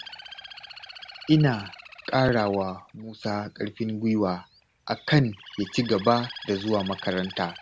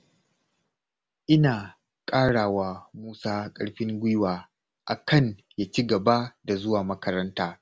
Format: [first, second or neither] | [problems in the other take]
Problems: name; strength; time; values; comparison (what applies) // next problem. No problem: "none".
second | background sound (Bird); 17 dB below the speech